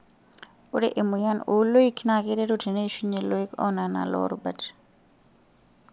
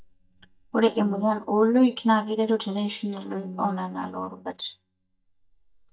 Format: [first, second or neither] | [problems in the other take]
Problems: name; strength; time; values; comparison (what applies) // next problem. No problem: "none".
first | noise reduction (neural mask model DeepFilterNet 3)